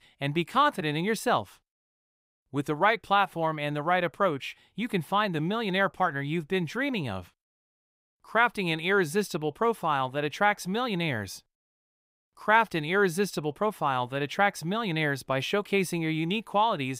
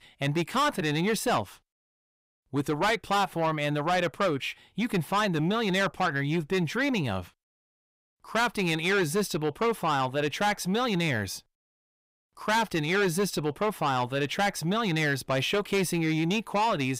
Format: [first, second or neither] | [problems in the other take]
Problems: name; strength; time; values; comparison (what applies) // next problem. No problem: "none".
first | distortion; heavy; 7 dB below the speech